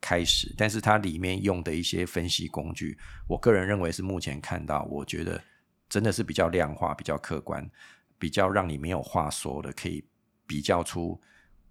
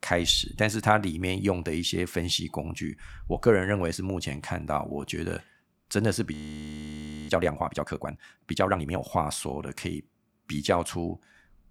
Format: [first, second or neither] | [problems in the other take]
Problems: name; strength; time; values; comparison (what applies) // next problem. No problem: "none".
first | audio freezing; at 6.5 s for 1 s